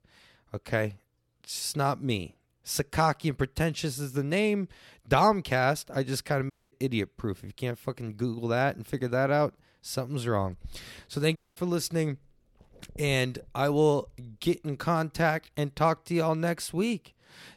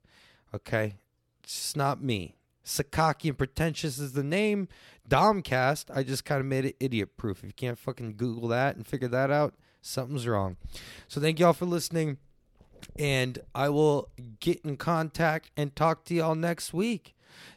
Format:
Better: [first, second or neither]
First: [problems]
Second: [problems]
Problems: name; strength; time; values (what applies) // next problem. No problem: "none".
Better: second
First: audio cutting out; at 6.5 s and at 11 s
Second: none